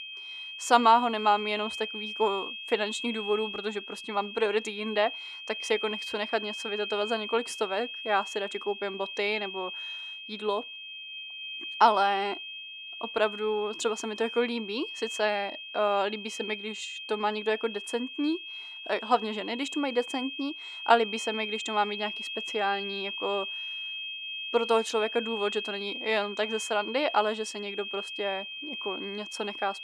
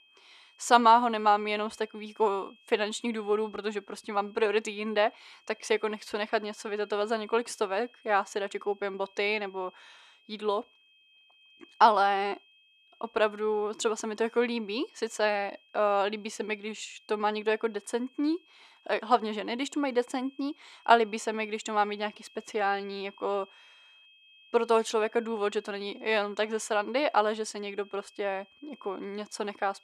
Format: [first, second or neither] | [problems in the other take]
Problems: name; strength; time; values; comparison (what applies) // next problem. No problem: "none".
second | high-pitched whine; loud; throughout; 3 kHz, 7 dB below the speech; faint in the second